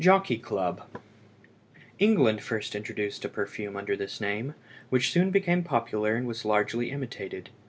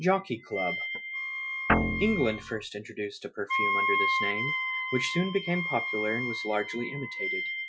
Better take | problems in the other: first | noise reduction (classical method Wiener filter)

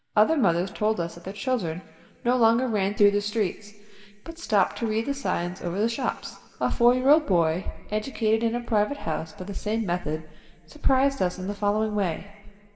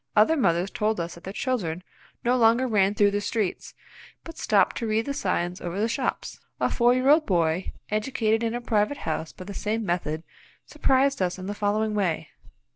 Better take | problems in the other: second | room echo; dies away in 2.5 s

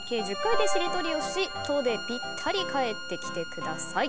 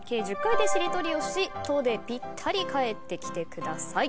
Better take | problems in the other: second | background sound (Bowed string instrument); 11 dB below the speech

